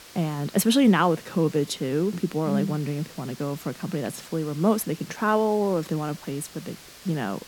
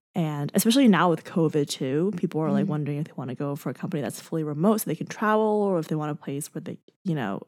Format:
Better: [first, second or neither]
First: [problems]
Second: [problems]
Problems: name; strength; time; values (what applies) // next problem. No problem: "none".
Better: second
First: hiss; noticeable; throughout; 20 dB below the speech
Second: none